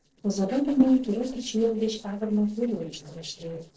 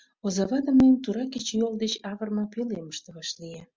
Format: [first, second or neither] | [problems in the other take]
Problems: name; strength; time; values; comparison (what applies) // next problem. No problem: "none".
second | noise reduction (neural separator model SepFormer DNS4)